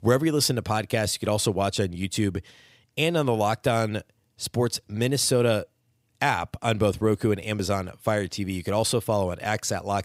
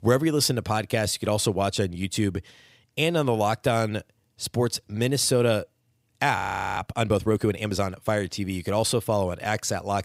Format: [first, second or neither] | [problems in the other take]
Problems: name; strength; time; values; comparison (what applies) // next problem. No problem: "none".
first | audio freezing; at 6.5 s